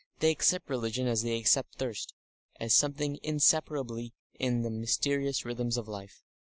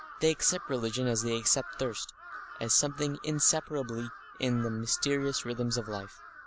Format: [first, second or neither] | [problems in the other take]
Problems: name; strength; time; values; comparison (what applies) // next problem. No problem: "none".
first | background sound (Crow); 14 dB below the speech